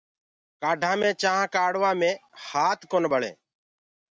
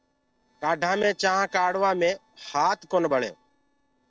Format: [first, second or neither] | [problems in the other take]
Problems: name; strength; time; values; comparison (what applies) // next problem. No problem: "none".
first | noise reduction (neural separator model SepFormer DNS4)